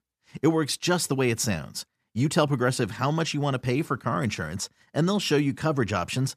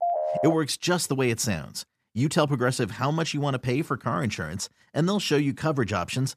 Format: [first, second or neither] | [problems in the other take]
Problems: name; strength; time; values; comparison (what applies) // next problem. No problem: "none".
first | phone ringing; noticeable; at the start; peak level with the speech